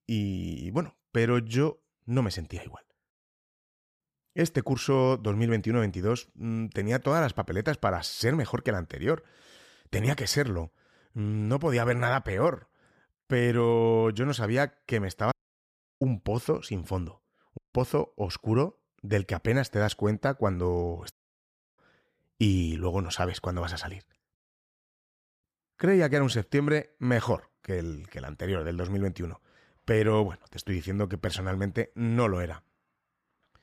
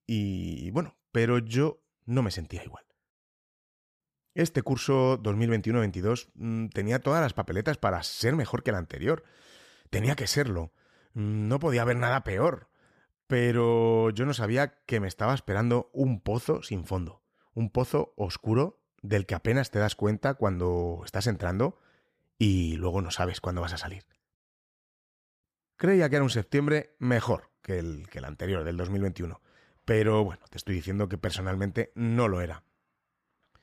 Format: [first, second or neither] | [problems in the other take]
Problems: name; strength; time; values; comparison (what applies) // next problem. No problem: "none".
second | audio cutting out; at 15 s for 0.5 s, at 18 s and at 21 s for 0.5 s